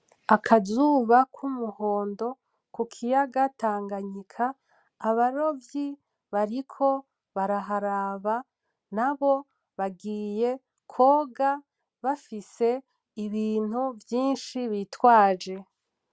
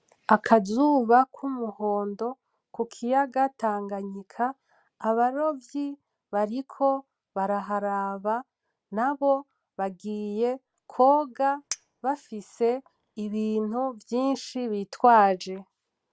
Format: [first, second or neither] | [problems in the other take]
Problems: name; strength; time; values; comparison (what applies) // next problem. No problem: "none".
first | background sound (Chink, clink); 20 dB below the speech